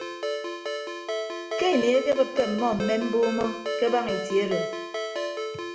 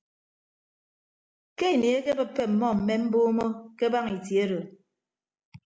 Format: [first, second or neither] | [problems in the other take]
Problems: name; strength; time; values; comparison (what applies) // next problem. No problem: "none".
second | background sound (Ringtone); 5 dB below the speech // room echo; dies away in 0.5 s